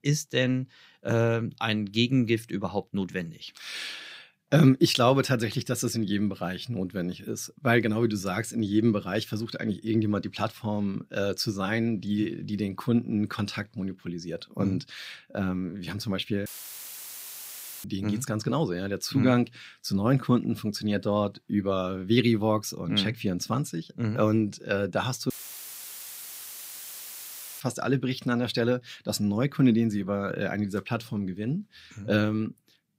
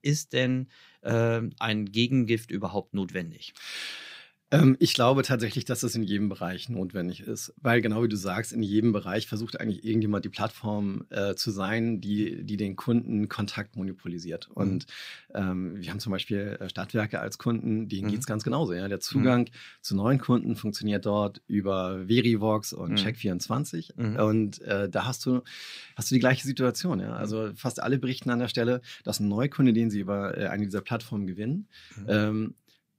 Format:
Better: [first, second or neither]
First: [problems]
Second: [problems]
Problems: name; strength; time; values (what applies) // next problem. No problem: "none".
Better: second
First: audio cutting out; filled with static; at 16 s for 1.5 s and at 25 s for 2.5 s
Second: none